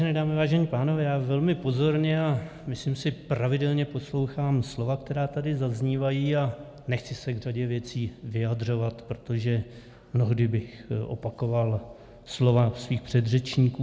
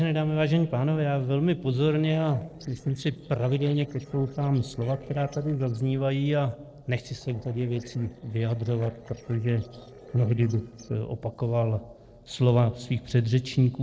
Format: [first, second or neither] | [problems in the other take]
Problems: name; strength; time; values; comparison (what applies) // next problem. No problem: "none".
first | noise reduction (neural separator model SepFormer DNS4)